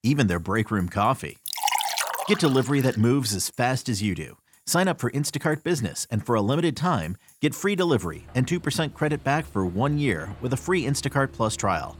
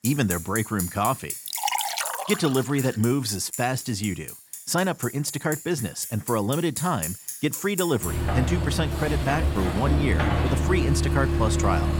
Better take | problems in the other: first | traffic noise; loud; throughout; 3 dB below the speech; faint in the first

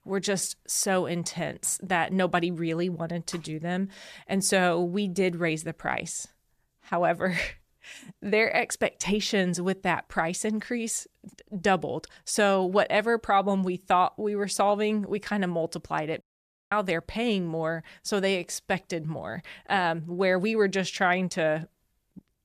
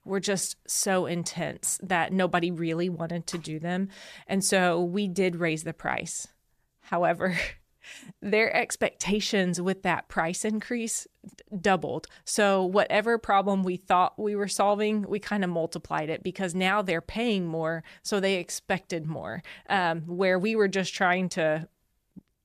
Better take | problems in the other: second | audio cutting out; at 16 s for 0.5 s

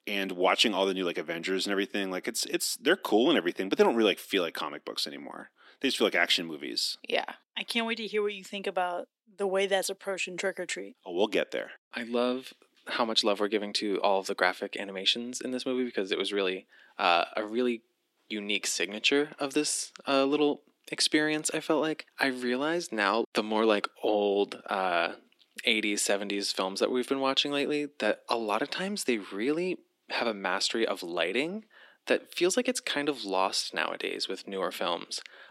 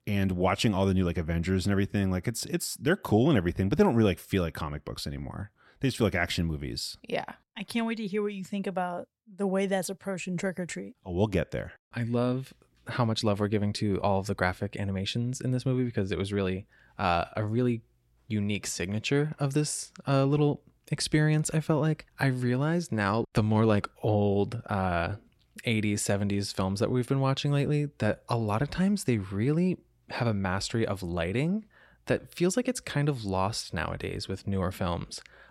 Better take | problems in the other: second | thin; somewhat; fading below 250 Hz

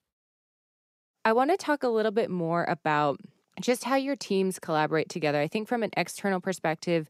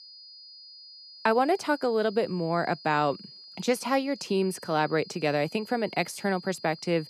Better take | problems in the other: first | high-pitched whine; noticeable; throughout; 5 kHz, 15 dB below the speech

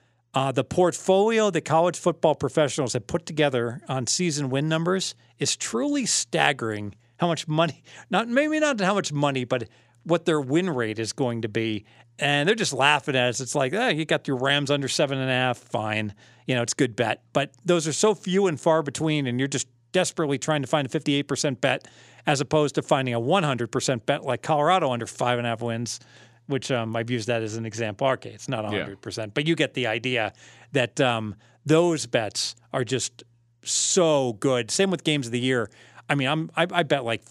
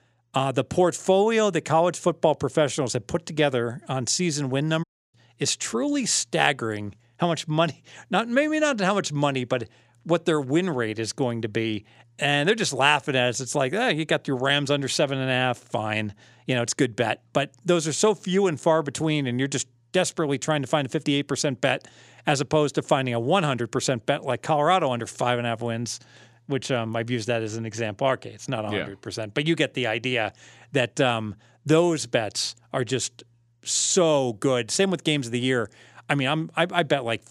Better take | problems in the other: first | audio cutting out; at 5 s

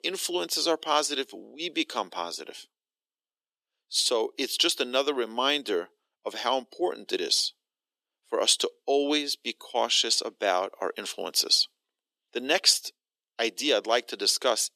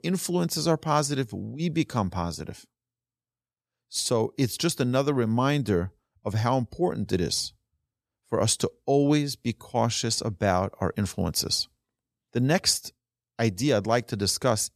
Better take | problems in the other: second | thin; somewhat; fading below 300 Hz

